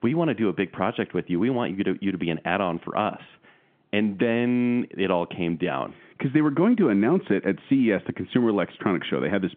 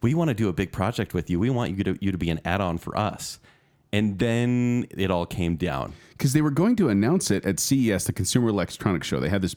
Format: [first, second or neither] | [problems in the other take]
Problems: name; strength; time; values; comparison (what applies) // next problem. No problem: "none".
second | phone-call audio; nothing above 3.5 kHz